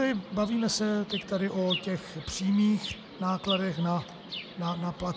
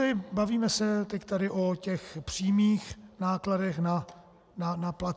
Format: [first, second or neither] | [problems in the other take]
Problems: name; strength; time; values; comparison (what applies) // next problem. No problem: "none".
second | background sound (Chirp, tweet); 11 dB below the speech